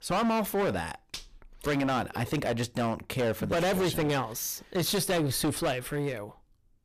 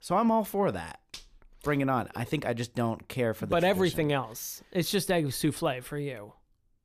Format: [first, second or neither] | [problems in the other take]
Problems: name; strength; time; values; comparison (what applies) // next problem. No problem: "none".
second | distortion; heavy; 18% of the sound clipped